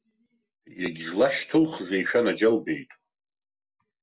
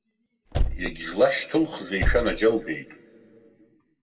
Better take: first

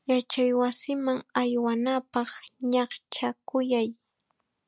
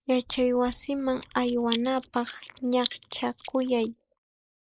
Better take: first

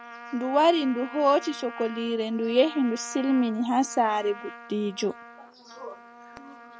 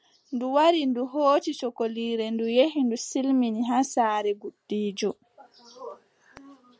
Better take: second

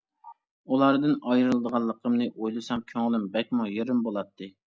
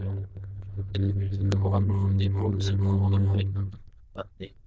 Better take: first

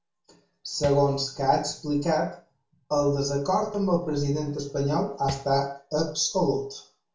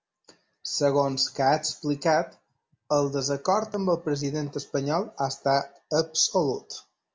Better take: second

